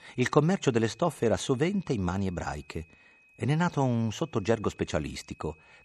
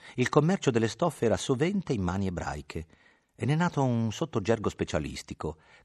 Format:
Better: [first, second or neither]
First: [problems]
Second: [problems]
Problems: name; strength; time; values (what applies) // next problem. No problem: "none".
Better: second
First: high-pitched whine; faint; throughout; 2.5 kHz, 30 dB below the speech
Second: none